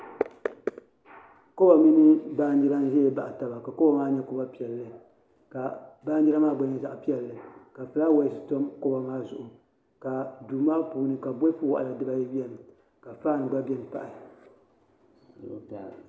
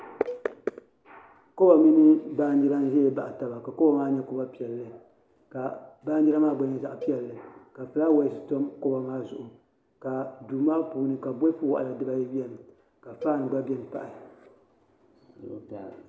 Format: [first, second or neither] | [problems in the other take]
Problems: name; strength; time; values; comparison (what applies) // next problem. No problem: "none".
first | background sound (Cowbell); 19 dB below the speech